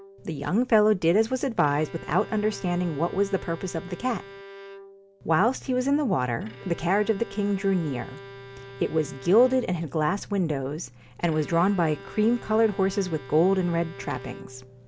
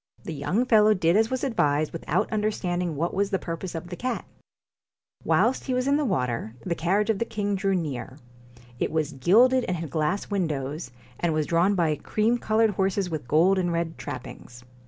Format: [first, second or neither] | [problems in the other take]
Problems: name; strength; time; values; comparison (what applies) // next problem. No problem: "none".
second | background sound (Bowed string instrument); 19 dB below the speech